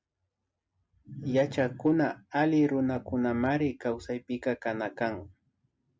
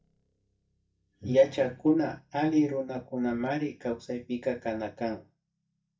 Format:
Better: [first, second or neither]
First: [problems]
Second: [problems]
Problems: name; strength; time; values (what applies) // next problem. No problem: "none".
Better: first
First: none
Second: noise reduction (neural mask model DeepFilterNet 3)